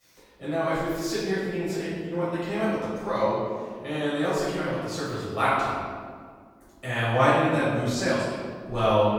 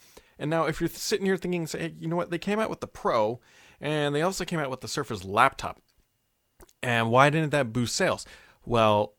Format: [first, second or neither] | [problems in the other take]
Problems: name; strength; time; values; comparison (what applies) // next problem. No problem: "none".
second | room echo; strong; dies away in 1.7 s // off-mic speech; far